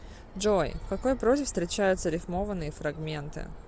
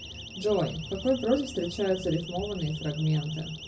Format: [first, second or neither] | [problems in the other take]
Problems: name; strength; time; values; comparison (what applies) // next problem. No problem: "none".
first | background sound (Siren); 14 dB below the speech // room echo; dies away in 0.4 s